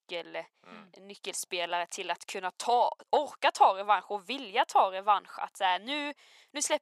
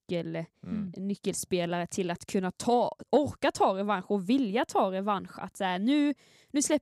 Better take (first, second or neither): second